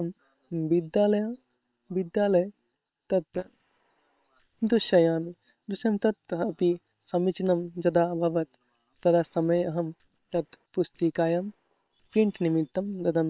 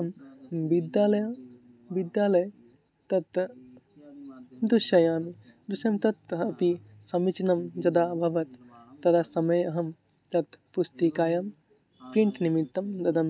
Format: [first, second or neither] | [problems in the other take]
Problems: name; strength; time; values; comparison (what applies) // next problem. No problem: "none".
second | noise reduction (neural separator model SepFormer WHAM!)